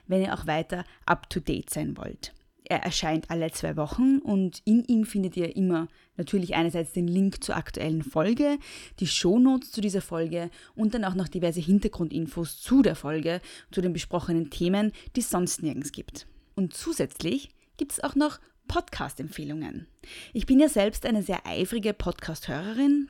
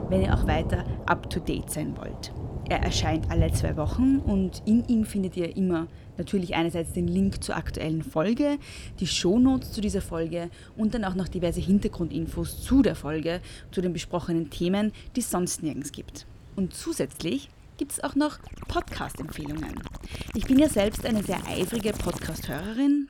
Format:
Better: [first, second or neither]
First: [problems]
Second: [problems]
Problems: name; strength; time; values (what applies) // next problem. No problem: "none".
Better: first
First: none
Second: rain or running water; loud; throughout; 8 dB below the speech